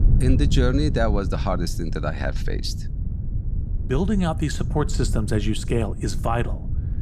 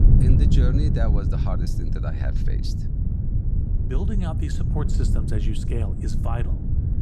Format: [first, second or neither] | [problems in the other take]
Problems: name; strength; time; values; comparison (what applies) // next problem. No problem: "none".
first | wind noise on the microphone; heavy; 1 dB below the speech; occasional gusts in the first